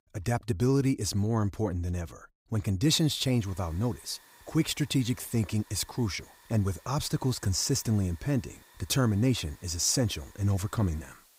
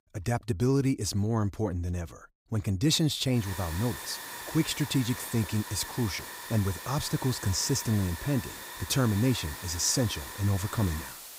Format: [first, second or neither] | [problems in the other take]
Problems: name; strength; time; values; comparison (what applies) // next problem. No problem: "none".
first | hiss; loud; from 3.5 s on; 10 dB below the speech; faint in the first